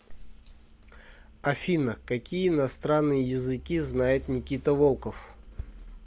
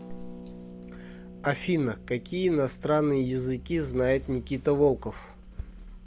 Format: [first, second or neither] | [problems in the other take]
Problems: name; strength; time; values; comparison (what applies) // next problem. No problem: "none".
first | background sound (Harp); 18 dB below the speech